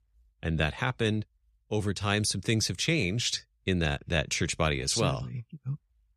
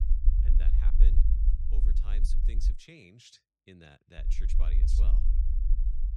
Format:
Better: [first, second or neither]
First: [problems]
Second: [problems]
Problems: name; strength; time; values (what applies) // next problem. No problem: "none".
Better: first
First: none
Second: low rumble; loud; until 2.5 s and from 4 s on; 1 dB below the speech